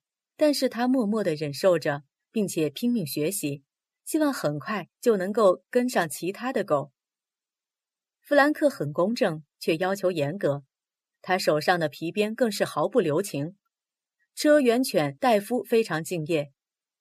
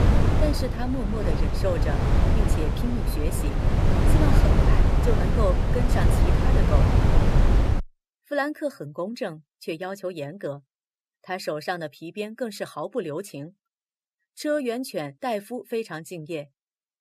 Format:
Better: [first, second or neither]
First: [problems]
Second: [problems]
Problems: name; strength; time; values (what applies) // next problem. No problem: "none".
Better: first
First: none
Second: wind noise on the microphone; heavy; until 8 s; 1 dB above the speech